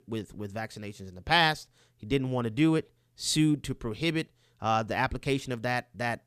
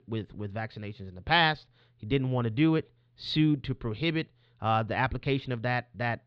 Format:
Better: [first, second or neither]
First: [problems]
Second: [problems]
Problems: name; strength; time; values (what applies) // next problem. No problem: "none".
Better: first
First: none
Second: muffled; very slightly; fading above 4 kHz